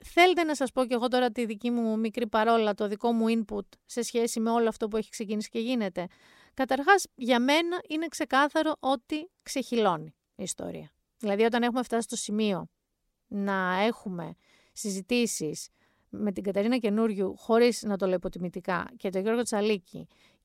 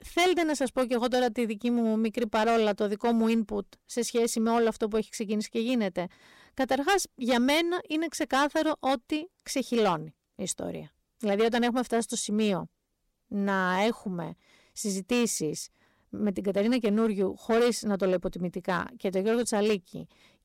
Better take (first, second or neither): first